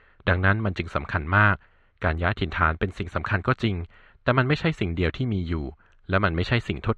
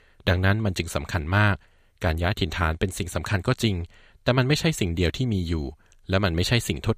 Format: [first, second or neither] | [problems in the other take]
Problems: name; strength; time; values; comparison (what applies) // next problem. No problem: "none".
second | muffled; slightly; fading above 2.5 kHz